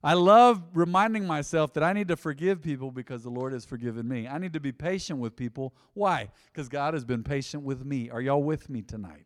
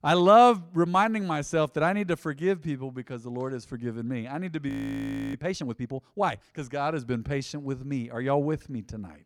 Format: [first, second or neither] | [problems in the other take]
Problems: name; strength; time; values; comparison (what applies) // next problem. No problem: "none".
first | audio freezing; at 4.5 s for 0.5 s